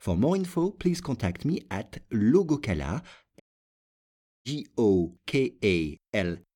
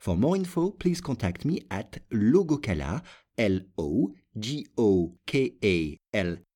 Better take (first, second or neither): second